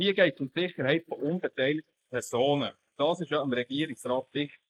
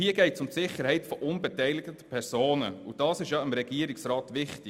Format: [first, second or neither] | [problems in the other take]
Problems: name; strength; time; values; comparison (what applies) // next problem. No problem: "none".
second | noise reduction (neural mask model Resemble Enhance denoiser)